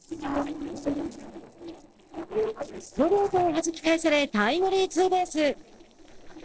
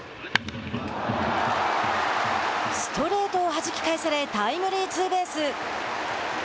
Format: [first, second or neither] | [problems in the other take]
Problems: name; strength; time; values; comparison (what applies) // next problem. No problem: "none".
second | noise reduction (neural separator model SepFormer DNS4)